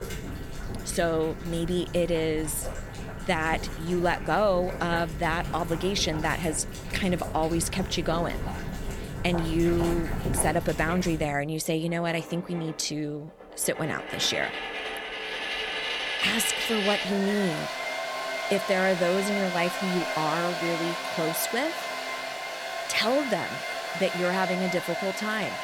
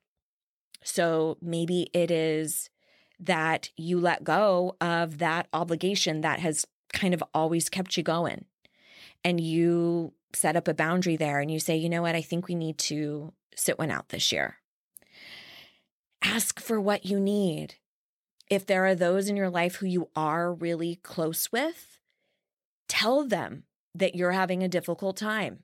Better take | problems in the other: second | household noises; loud; throughout; 5 dB below the speech

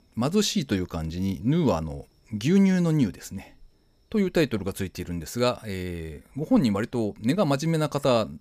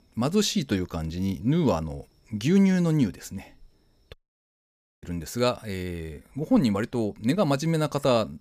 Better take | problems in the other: first | audio cutting out; at 4 s for 1 s

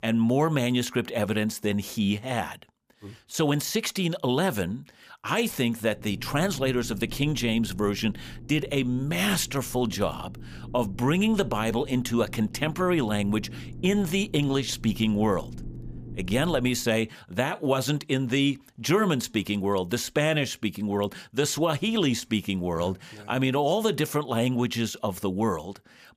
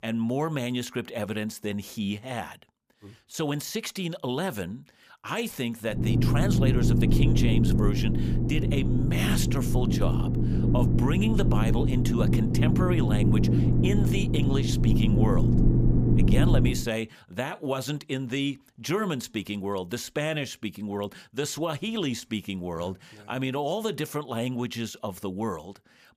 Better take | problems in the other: first | low rumble; loud; from 6 to 17 s; as loud as the speech; faint in the first

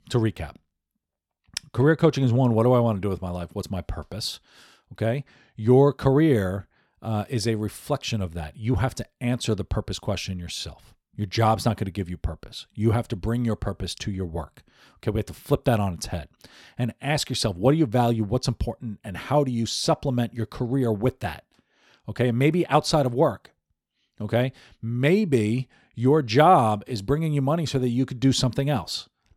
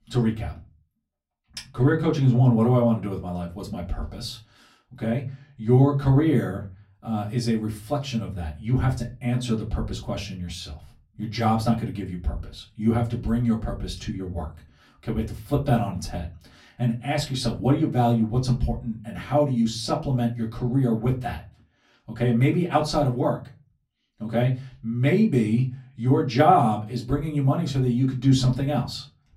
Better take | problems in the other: first | off-mic speech; far // room echo; very slight; dies away in 0.3 s

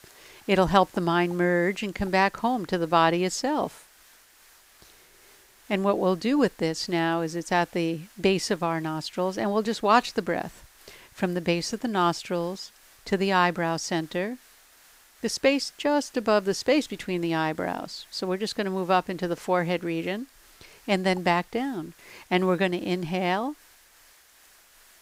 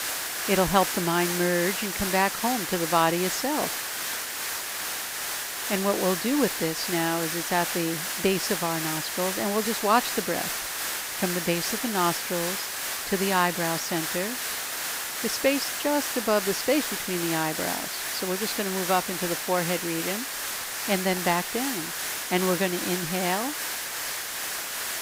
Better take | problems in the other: first | hiss; loud; throughout; 2 dB below the speech; faint in the first

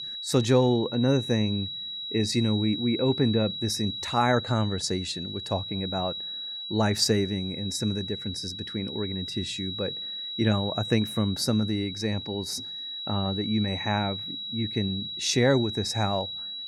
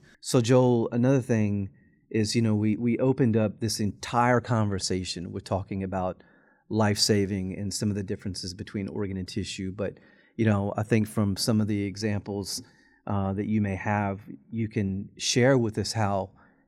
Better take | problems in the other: second | high-pitched whine; loud; throughout; 4 kHz, 6 dB below the speech

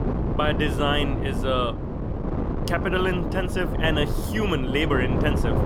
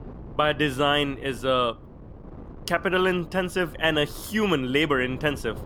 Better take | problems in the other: second | wind noise on the microphone; heavy; 6 dB below the speech; occasional gusts in the second

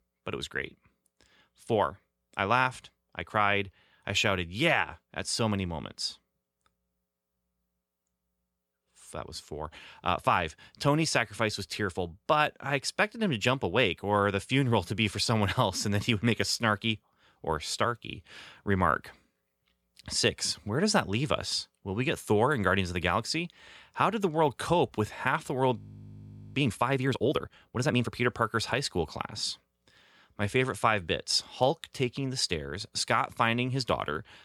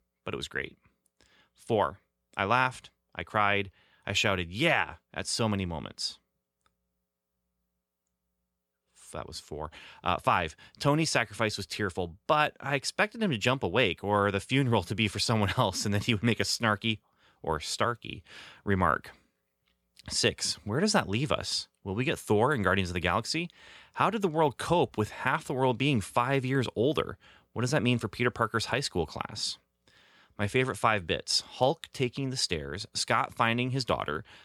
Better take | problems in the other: second | audio freezing; at 26 s for 1 s

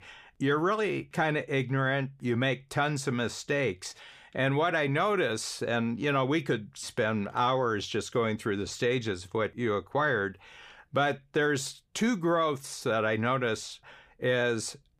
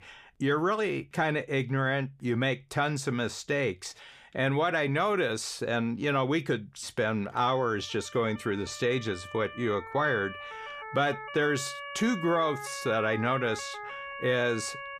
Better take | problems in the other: first | siren; noticeable; from 7.5 s on; peak 9 dB below the speech

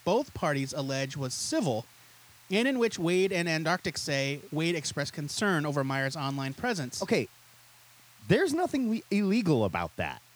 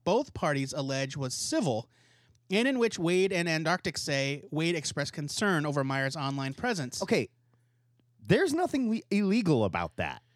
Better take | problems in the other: second | hiss; faint; throughout; 25 dB below the speech

